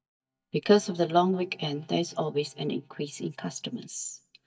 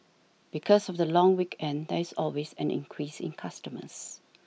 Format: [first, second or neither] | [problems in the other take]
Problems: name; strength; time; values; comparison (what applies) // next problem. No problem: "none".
second | noise reduction (neural mask model DeepFilterNet 3)